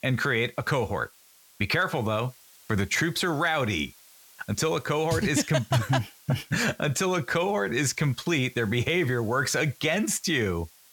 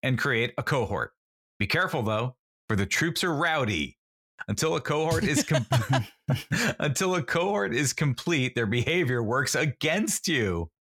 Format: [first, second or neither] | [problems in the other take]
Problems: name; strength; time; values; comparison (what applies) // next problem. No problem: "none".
second | hiss; faint; throughout; 25 dB below the speech